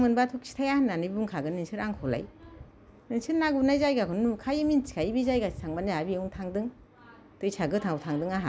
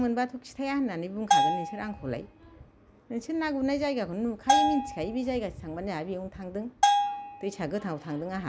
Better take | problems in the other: first | background sound (Bell); 3 dB above the speech

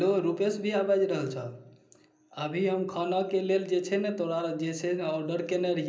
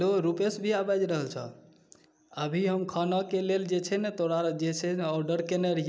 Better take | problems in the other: second | room echo; dies away in 0.5 s

